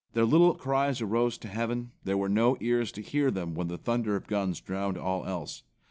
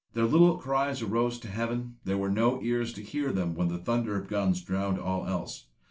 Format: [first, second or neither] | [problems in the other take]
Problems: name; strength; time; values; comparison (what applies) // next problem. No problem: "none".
first | room echo; dies away in 0.2 s